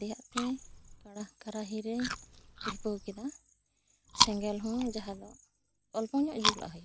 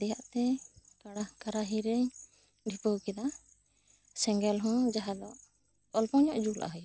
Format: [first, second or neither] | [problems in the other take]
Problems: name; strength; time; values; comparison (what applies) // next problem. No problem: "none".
second | background sound (Chewing, mastication); as loud as the speech